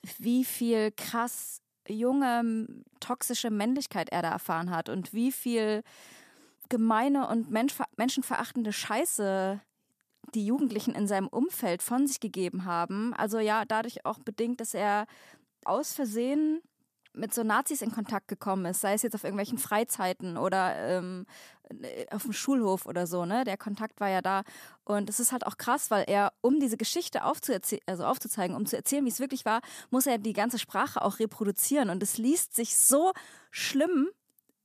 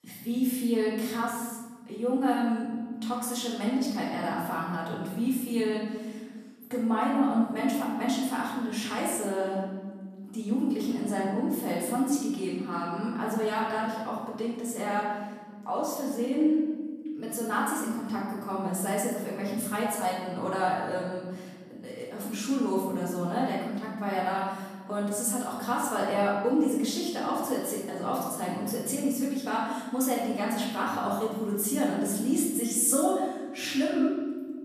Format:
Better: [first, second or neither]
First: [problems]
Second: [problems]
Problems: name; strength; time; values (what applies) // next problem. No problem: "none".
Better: first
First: none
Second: off-mic speech; far // room echo; noticeable; dies away in 1.7 s